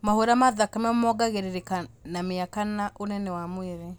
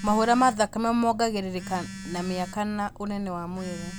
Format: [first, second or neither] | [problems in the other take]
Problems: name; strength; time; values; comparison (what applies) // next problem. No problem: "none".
first | background sound (Telephone); 14 dB below the speech